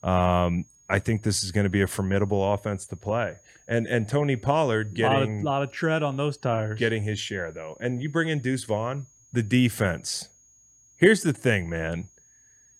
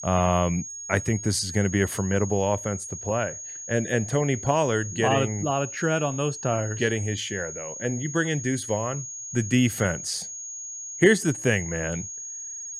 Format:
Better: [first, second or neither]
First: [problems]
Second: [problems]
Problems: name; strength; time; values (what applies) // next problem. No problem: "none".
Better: first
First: high-pitched whine; faint; throughout; 6.5 kHz, 30 dB below the speech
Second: high-pitched whine; loud; throughout; 6.5 kHz, 9 dB below the speech